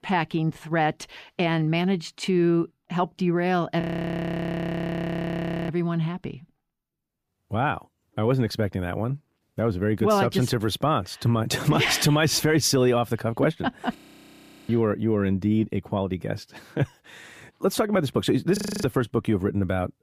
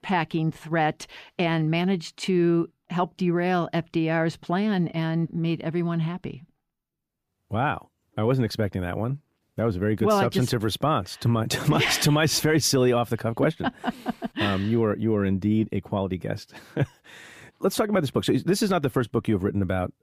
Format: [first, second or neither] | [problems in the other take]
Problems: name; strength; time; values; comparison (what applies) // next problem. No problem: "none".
second | audio freezing; at 4 s for 2 s, at 14 s for 0.5 s and at 19 s